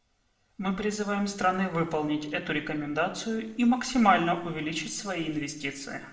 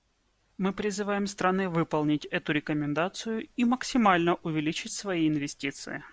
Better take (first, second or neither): second